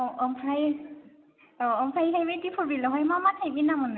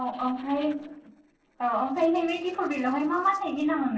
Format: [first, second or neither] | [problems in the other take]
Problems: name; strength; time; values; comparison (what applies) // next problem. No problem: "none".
first | noise reduction (neural separator model SepFormer DNS4)